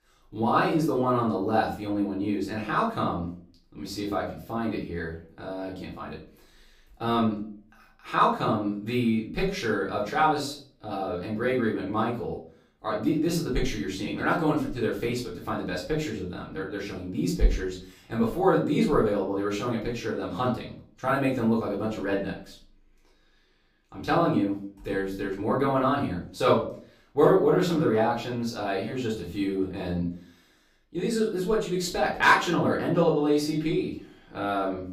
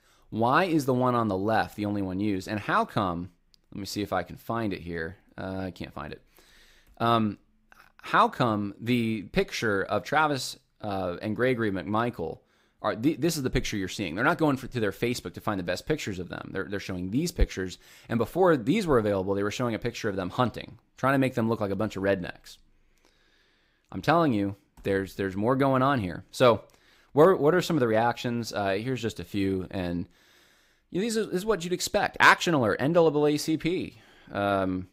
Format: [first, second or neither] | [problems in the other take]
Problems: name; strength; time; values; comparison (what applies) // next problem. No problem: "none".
second | off-mic speech; far // room echo; slight; dies away in 0.4 s